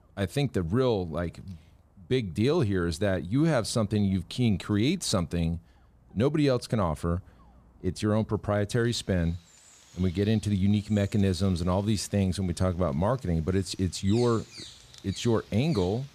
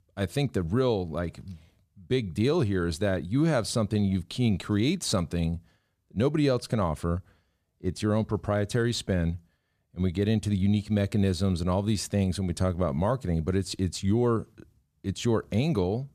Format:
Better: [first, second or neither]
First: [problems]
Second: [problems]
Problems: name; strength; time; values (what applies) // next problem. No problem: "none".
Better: second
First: animal sounds; faint; throughout; 25 dB below the speech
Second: none